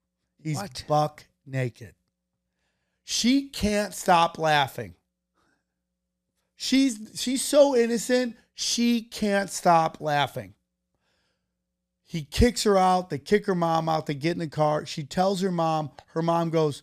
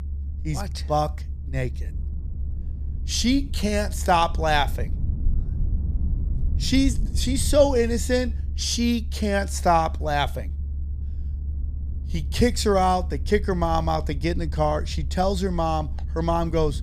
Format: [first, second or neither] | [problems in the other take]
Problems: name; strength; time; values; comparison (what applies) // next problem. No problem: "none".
first | low rumble; faint; throughout; 25 dB below the speech